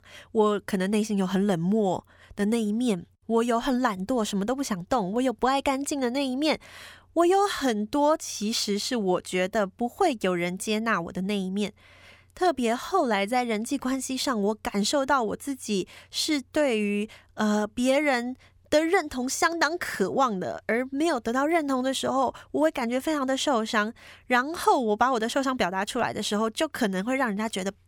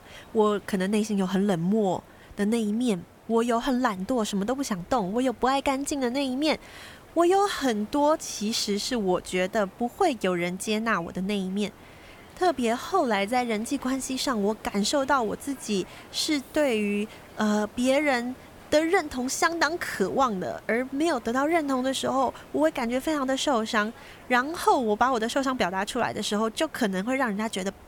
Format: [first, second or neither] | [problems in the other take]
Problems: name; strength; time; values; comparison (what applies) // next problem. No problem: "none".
first | hiss; faint; throughout; 25 dB below the speech